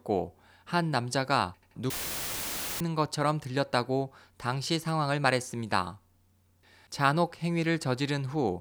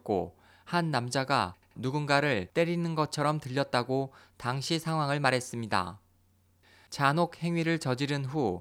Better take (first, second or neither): second